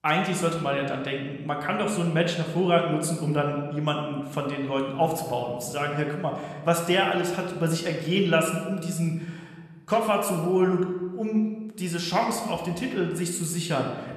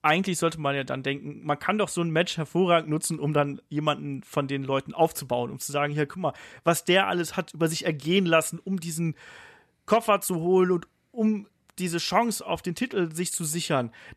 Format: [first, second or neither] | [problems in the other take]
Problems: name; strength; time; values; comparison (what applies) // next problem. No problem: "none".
second | room echo; slight; dies away in 1.1 s